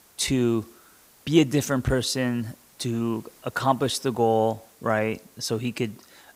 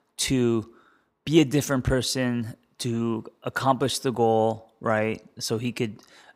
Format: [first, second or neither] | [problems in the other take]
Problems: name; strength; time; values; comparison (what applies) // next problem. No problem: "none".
second | hiss; faint; throughout; 25 dB below the speech